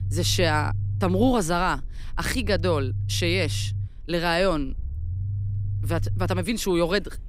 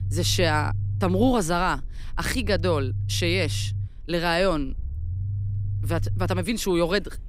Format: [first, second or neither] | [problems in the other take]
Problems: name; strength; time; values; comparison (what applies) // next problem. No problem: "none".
neither | low rumble; noticeable; throughout; 20 dB below the speech; the same in both